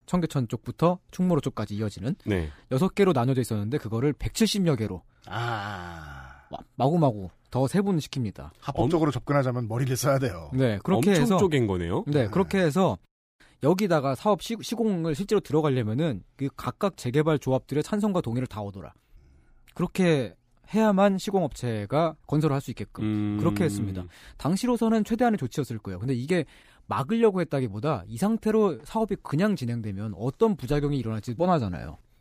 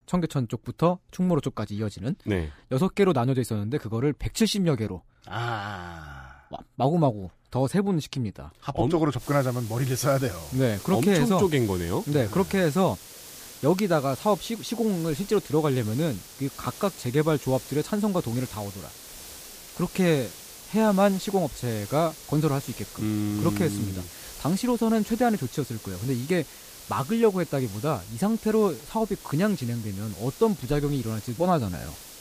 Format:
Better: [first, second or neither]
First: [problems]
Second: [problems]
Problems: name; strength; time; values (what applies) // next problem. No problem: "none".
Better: first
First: none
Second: hiss; noticeable; from 9 s on; 15 dB below the speech